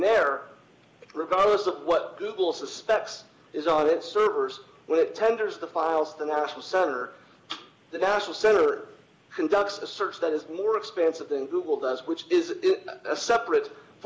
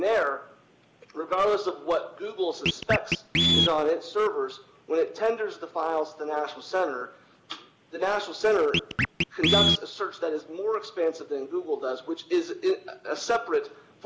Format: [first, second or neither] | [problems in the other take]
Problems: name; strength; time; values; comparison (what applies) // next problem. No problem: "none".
first | background sound (Scratching (performance technique)); as loud as the speech